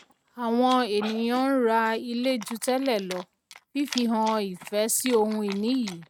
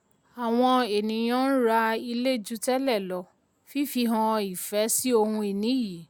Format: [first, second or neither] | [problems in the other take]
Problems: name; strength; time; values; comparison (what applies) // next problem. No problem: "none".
second | noise reduction (neural mask model RNNoise)